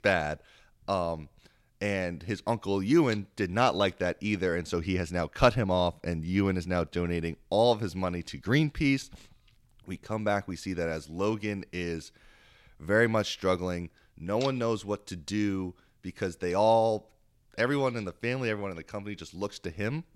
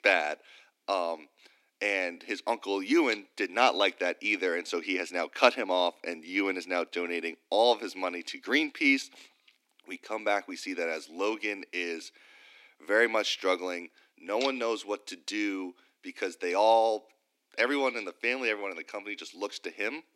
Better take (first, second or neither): first